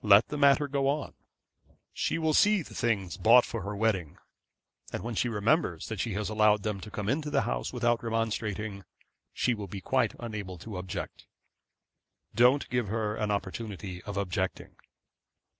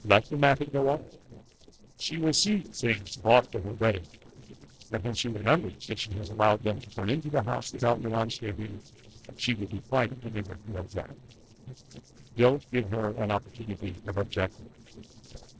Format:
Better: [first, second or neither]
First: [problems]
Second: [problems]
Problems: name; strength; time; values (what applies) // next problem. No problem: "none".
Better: first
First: none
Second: noise reduction (neural separator model SepFormer DNS4)